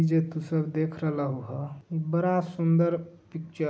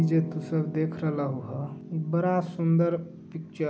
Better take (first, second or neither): first